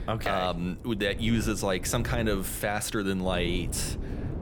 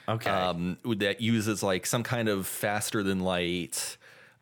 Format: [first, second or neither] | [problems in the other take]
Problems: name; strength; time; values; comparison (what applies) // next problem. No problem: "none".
second | wind noise on the microphone; occasional gusts; 15 dB below the speech